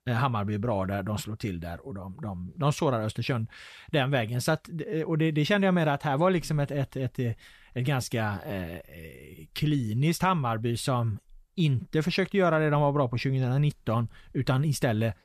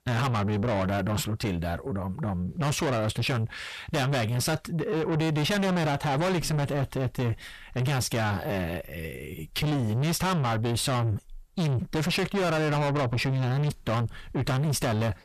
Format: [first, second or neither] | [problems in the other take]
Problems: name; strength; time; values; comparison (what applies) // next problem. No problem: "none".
first | distortion; heavy; 6 dB below the speech